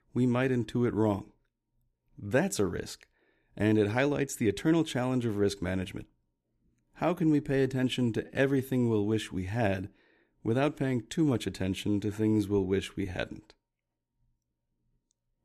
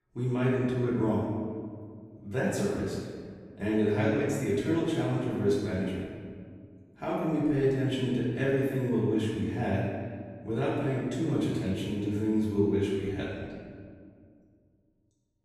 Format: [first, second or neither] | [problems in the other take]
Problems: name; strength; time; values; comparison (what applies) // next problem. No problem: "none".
first | room echo; strong; dies away in 1.7 s // off-mic speech; far